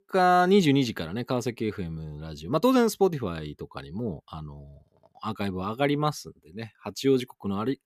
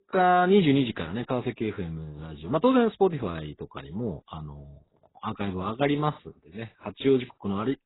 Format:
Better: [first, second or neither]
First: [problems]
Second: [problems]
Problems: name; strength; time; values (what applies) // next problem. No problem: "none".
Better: first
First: none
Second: garbled, watery; badly; nothing above 4 kHz